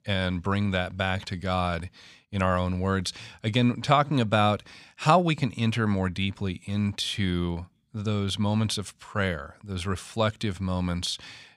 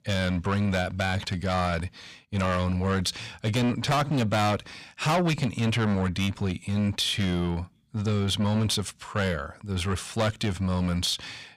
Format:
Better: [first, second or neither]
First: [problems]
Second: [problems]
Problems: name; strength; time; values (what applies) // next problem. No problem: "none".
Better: first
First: none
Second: distortion; heavy; 6 dB below the speech